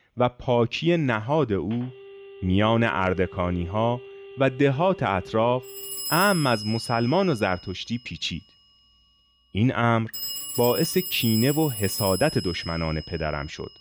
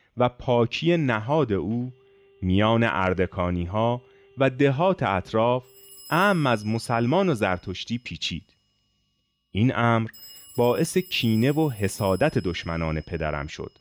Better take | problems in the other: second | alarms or sirens; loud; throughout; 9 dB below the speech; faint in the second

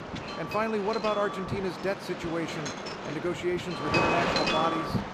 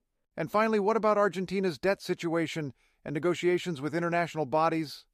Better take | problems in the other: second | wind noise on the microphone; heavy; 1 dB above the speech

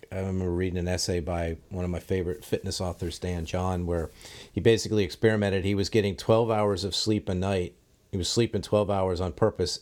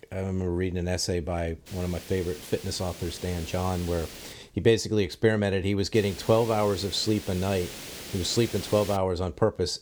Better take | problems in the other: first | hiss; noticeable; from 1.5 to 4.5 s and from 6 to 9 s; 15 dB below the speech

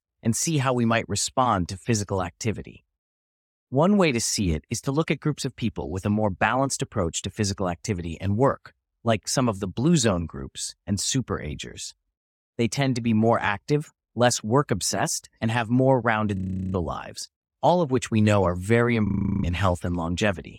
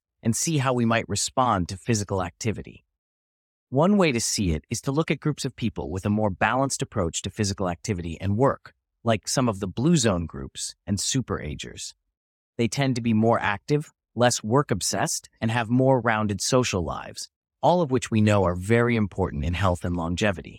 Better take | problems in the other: second | audio freezing; at 16 s and at 19 s

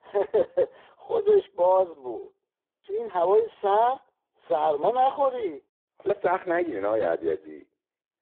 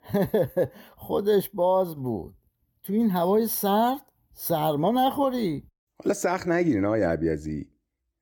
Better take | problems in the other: second | phone-call audio; poor line; nothing above 3.5 kHz

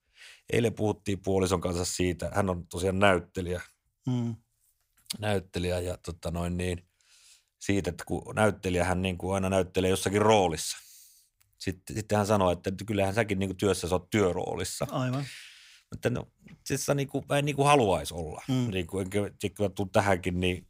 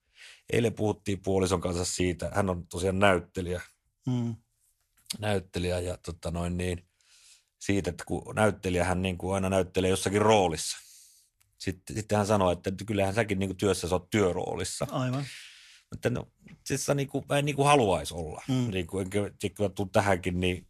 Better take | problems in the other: first | garbled, watery; slightly

